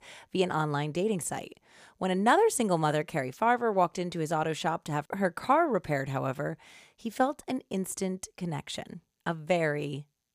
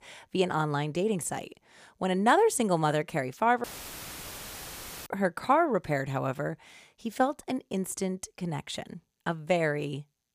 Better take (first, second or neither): first